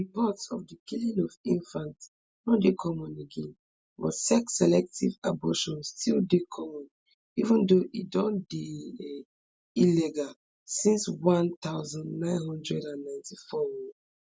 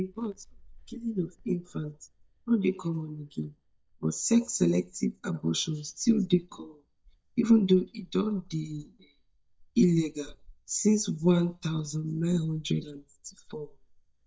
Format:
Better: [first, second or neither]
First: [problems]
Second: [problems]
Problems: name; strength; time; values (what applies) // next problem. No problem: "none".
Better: first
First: none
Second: noise reduction (neural mask model DeepFilterNet 3)